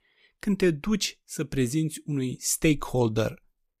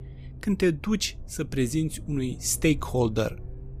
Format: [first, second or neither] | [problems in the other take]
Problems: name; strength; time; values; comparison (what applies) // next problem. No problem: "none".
first | low rumble; faint; throughout; 25 dB below the speech